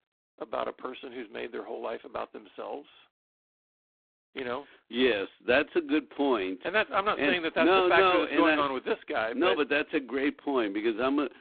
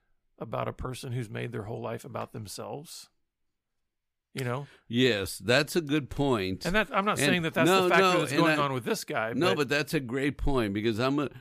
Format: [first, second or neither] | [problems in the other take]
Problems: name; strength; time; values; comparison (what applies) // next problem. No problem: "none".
second | phone-call audio; poor line; nothing above 3.5 kHz